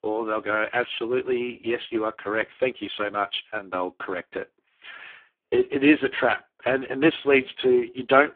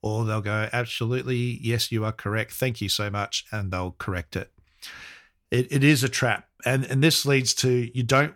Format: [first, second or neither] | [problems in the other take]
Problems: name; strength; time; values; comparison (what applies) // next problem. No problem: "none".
second | phone-call audio; poor line; nothing above 3.5 kHz